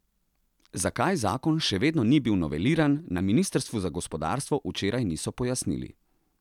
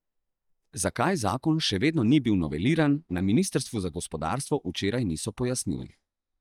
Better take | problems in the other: first | noise reduction (neural mask model DeepFilterNet 3)

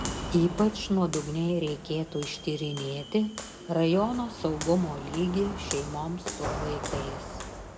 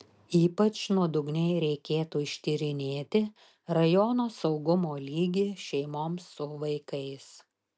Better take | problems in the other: second | background sound (Walk, footsteps); 8 dB below the speech // room echo; dies away in 1.2 s

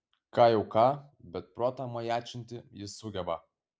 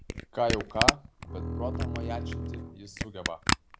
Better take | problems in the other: first | background sound (Camera + Bowed string instrument); 4 dB above the speech

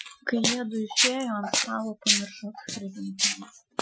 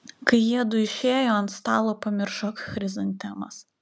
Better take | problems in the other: second | noise reduction (classical method Wiener filter)

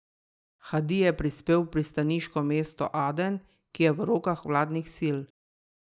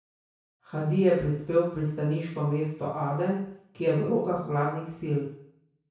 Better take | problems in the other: first | room echo; dies away in 0.6 s

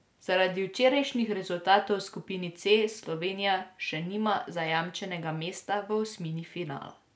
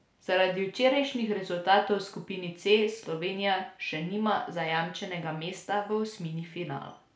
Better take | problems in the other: first | room echo; dies away in 0.4 s

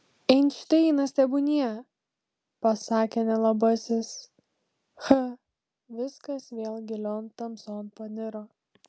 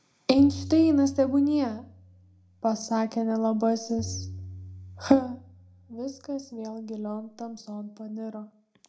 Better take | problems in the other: first | background sound (Tabla); 15 dB below the speech // room echo; dies away in 0.3 s

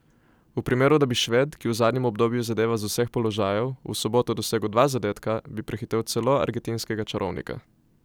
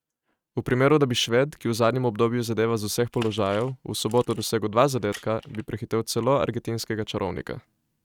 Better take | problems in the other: first | noise reduction (neural mask model RNNoise)

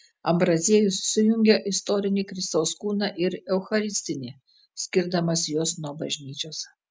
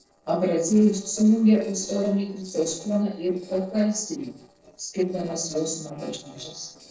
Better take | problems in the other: first | noise reduction (neural separator model SepFormer DNS4)

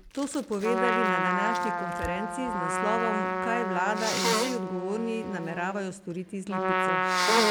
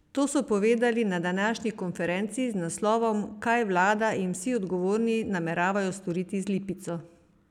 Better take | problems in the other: second | background sound (Trumpet + Sneeze); 3 dB above the speech

